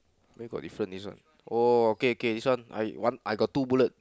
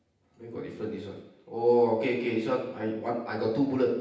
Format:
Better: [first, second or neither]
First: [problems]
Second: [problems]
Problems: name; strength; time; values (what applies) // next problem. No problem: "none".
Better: first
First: none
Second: room echo; dies away in 0.9 s